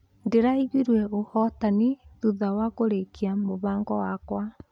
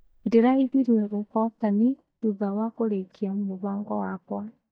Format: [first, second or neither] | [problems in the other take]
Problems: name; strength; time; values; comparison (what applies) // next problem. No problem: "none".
first | noise reduction (neural mask model DeepFilterNet 3)